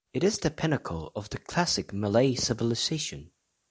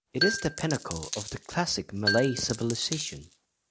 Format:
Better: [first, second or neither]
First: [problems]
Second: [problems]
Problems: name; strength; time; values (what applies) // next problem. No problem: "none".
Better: first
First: none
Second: background sound (Coin (dropping) + Marimba, xylophone); 4 dB below the speech